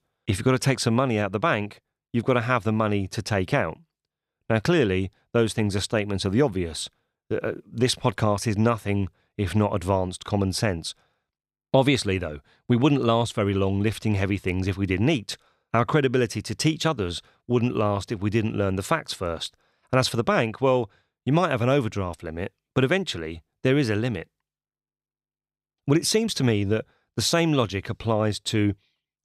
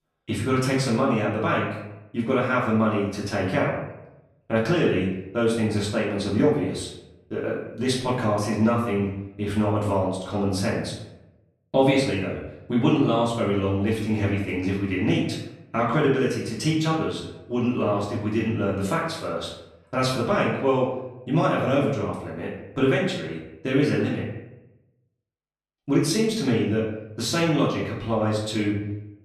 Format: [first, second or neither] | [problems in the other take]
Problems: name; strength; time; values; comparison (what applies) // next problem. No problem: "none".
first | room echo; noticeable; dies away in 0.7 s // off-mic speech; far